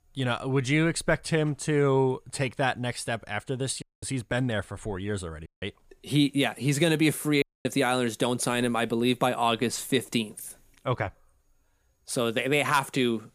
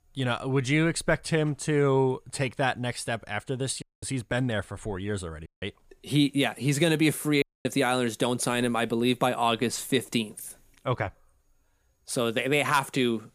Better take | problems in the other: neither | audio cutting out; at 4 s, at 5.5 s and at 7.5 s; the same in both

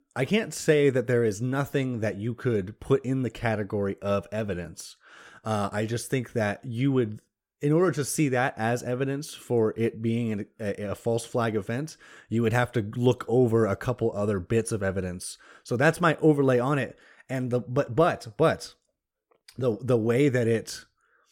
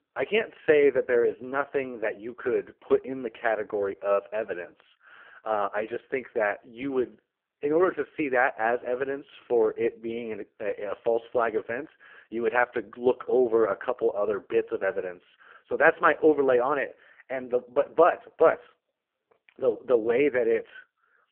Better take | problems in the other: first | phone-call audio; poor line

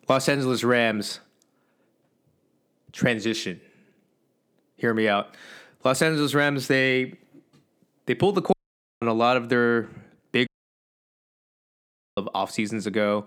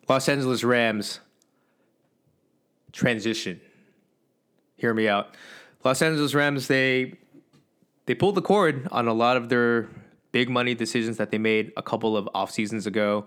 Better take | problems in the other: second | audio cutting out; at 8.5 s and at 10 s for 1.5 s

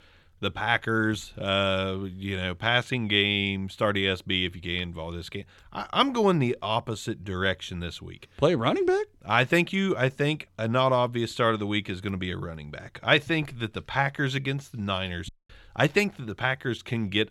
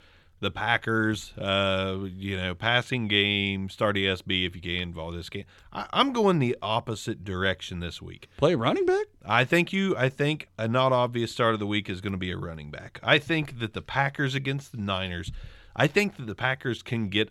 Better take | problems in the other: second | audio cutting out; at 15 s

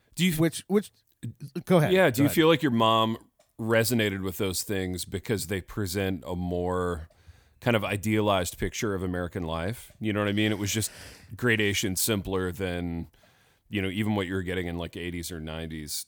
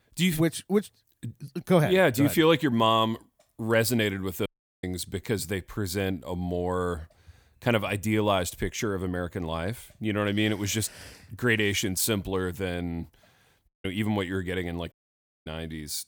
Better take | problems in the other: first | audio cutting out; at 4.5 s, at 14 s and at 15 s for 0.5 s

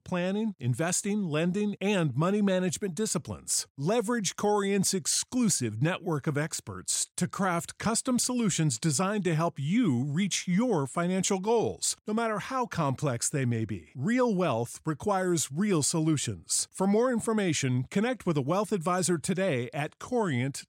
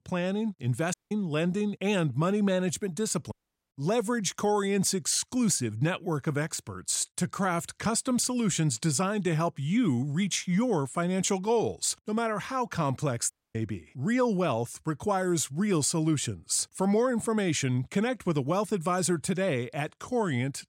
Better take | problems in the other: first | audio cutting out; at 1 s, at 3.5 s and at 13 s

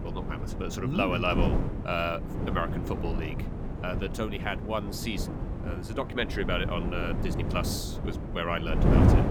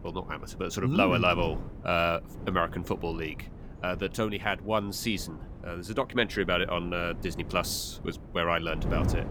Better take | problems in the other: second | wind noise on the microphone; heavy; 5 dB below the speech; occasional gusts in the second

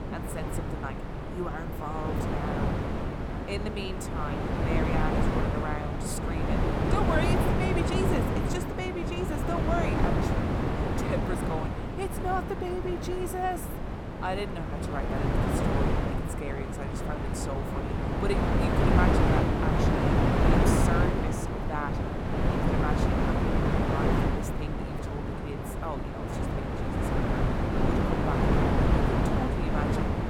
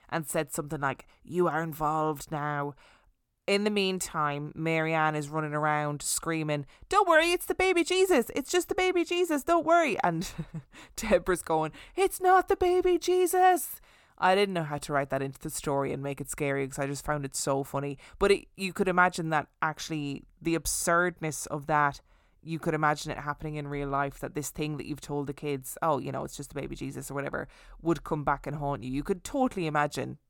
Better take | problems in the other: second | wind noise on the microphone; heavy; 4 dB above the speech

